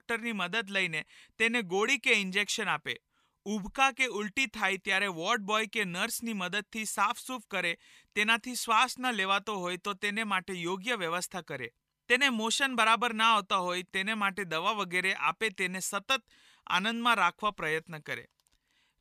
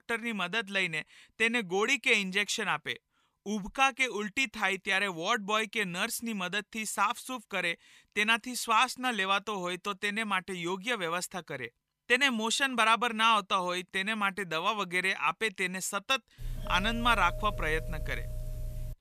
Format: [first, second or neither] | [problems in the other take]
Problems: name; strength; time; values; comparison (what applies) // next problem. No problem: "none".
first | doorbell; faint; from 16 s on; peak 10 dB below the speech